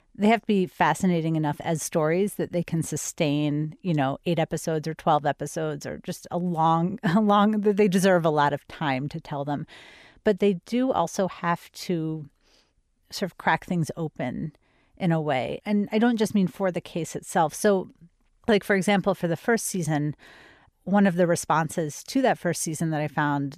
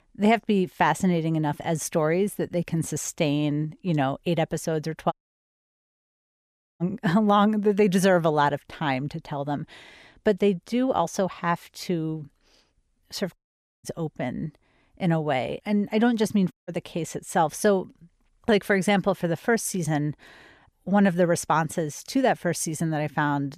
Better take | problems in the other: first | audio cutting out; at 5 s for 1.5 s, at 13 s and at 17 s

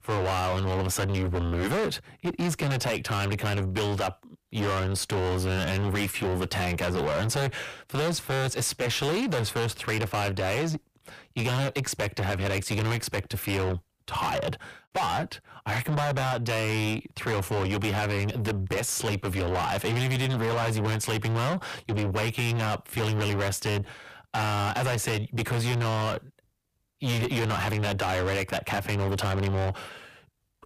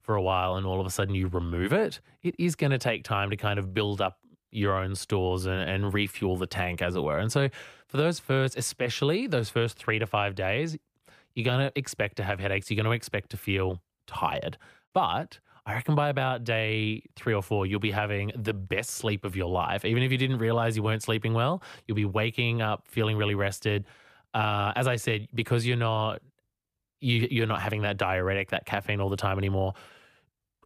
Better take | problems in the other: second | distortion; heavy; 5 dB below the speech

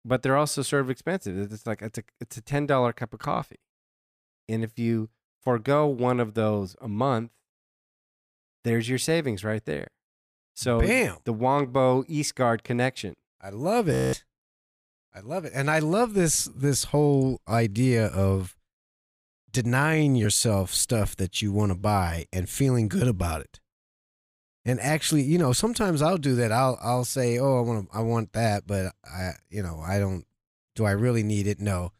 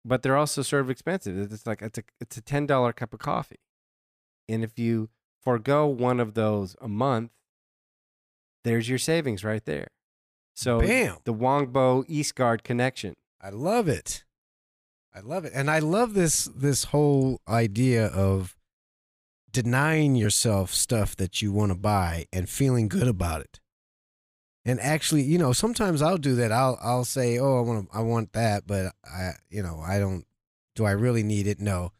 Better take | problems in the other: second | audio freezing; at 14 s

